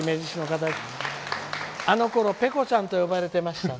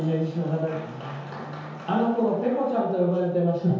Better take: first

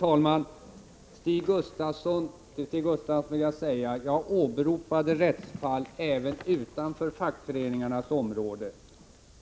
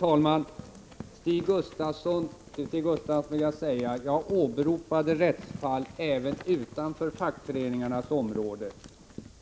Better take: first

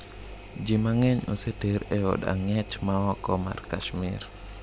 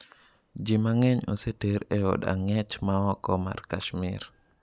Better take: second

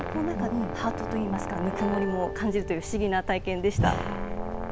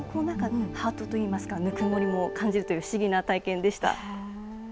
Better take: second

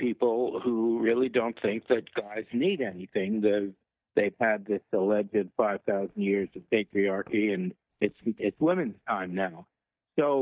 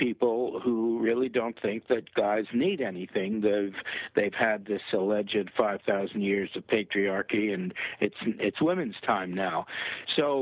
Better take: second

